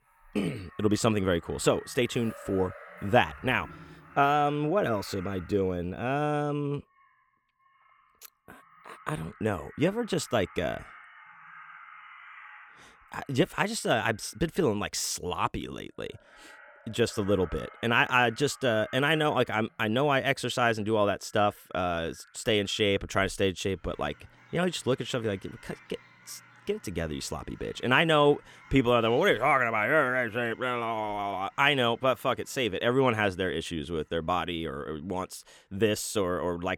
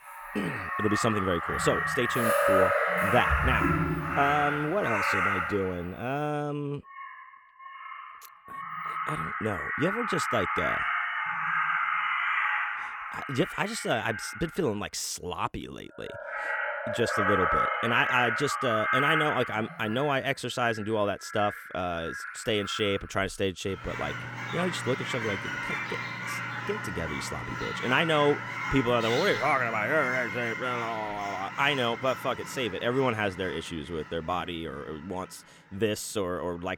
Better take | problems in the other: first | animal sounds; loud; throughout; as loud as the speech; faint in the first

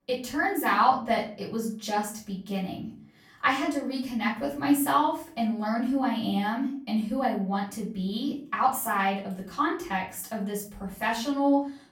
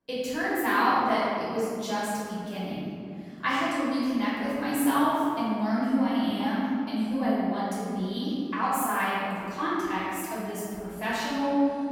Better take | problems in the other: first | room echo; strong; dies away in 2.4 s; slight in the first // off-mic speech; far; far in the first

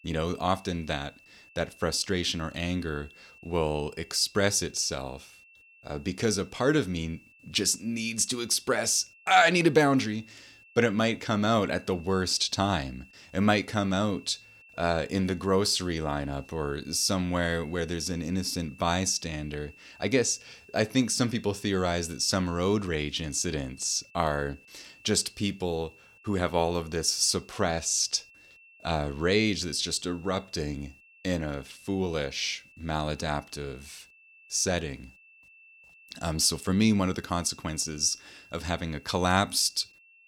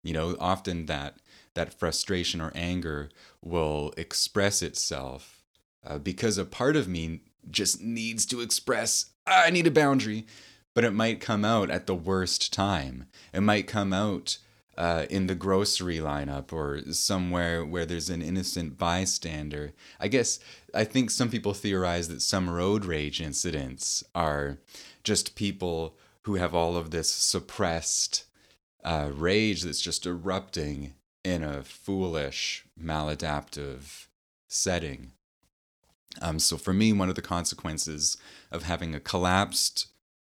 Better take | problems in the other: second | high-pitched whine; faint; throughout; 2.5 kHz, 25 dB below the speech

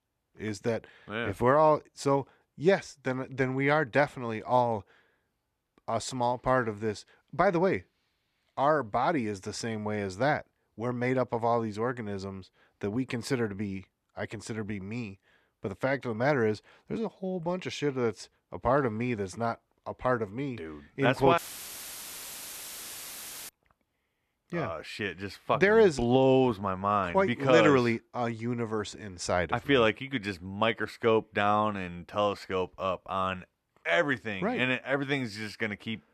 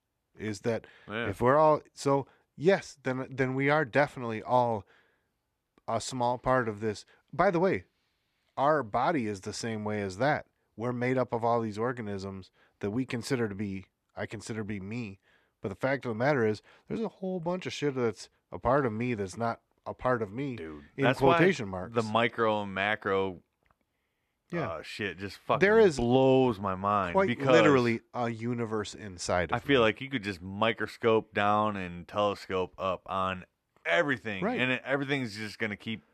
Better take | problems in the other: second | audio cutting out; filled with static; at 21 s for 2 s

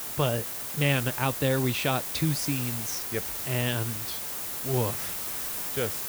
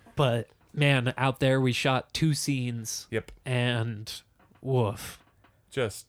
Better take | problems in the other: second | hiss; loud; throughout; 2 dB below the speech

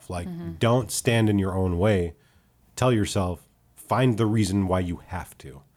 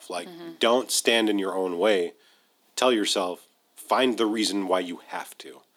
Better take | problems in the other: first | thin; somewhat; fading below 250 Hz

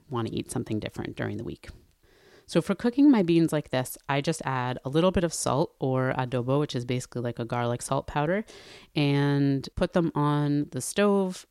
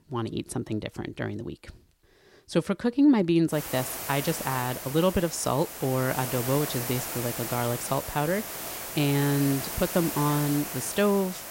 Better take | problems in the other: first | hiss; loud; from 3.5 s on; 6 dB below the speech

